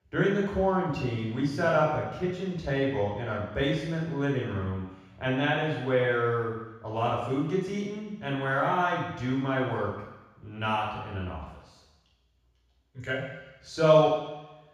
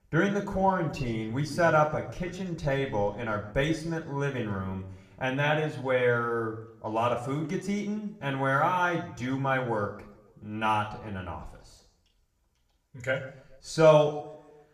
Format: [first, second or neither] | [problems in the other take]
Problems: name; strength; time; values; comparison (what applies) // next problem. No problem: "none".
second | room echo; strong; dies away in 1.1 s; slight in the second // off-mic speech; far; somewhat distant in the second